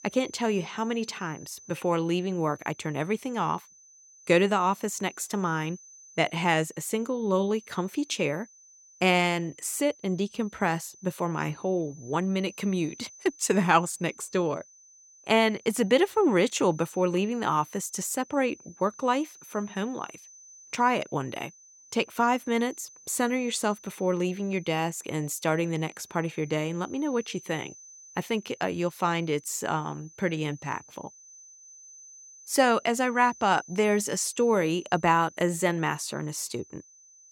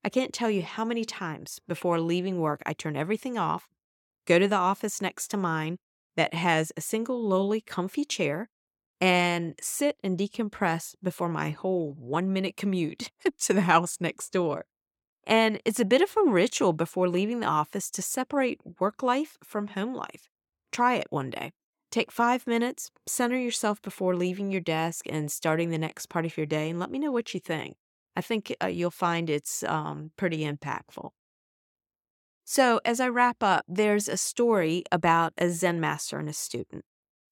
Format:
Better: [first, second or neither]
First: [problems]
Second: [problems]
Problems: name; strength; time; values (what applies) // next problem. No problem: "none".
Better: second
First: high-pitched whine; faint; throughout; 6 kHz, 20 dB below the speech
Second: none